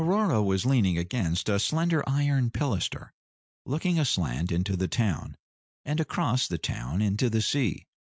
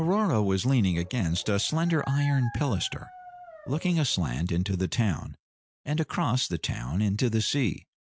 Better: first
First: none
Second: background sound (Dog); 19 dB below the speech

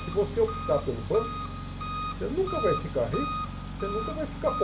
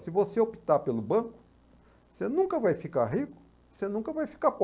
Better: second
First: background sound (Engine); 4 dB below the speech // room echo; dies away in 0.2 s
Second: none

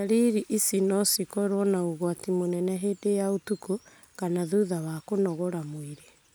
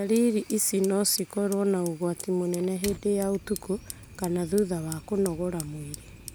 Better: first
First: none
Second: background sound (Fire); 16 dB below the speech

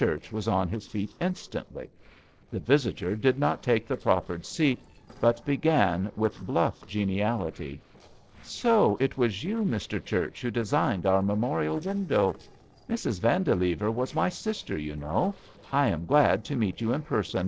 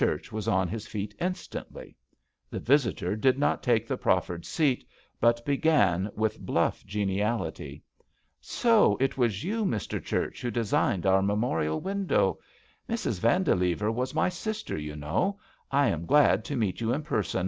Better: second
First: noise reduction (neural separator model SepFormer DNS4)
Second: none

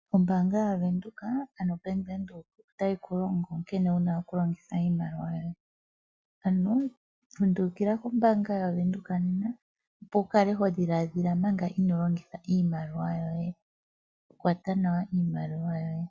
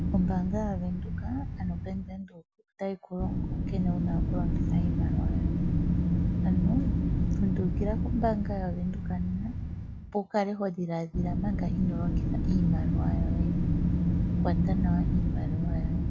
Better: first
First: none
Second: background sound (Wind); 5 dB above the speech

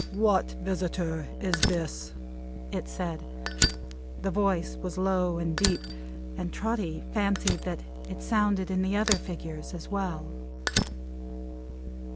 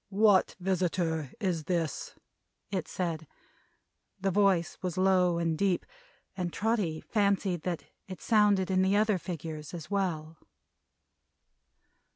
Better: second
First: background sound (Musical instrument + Fire); 2 dB below the speech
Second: none

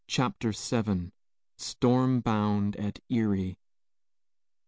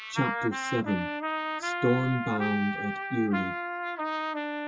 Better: first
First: none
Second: noise reduction (classical method WPE with log-MMSE)

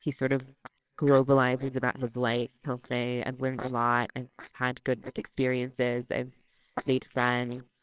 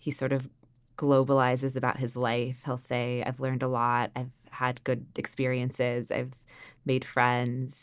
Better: second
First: noise reduction (neural separator model SepFormer WHAMR!)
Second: none

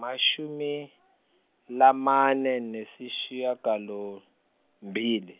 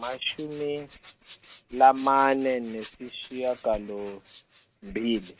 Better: first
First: none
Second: noise reduction (neural mask model RNNoise)

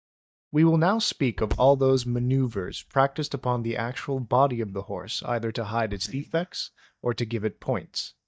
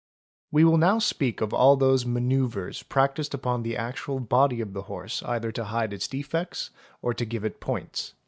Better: second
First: noise reduction (neural mask model DeepFilterNet 3)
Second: none

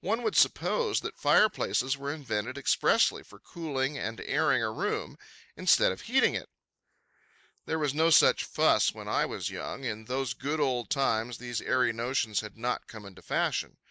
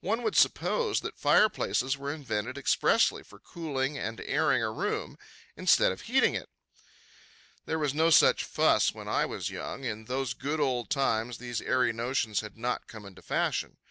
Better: second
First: noise reduction (neural mask model Resemble Enhance denoiser)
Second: none

